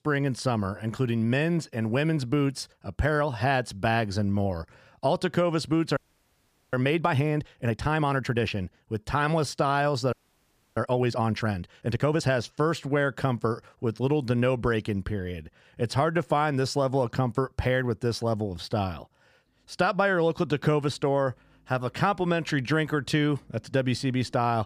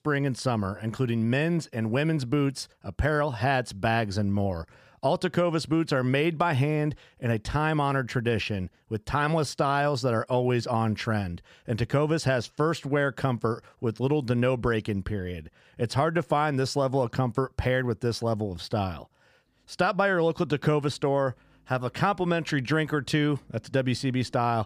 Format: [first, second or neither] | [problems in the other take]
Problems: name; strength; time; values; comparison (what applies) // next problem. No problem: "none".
second | audio freezing; at 6 s for 1 s and at 10 s for 0.5 s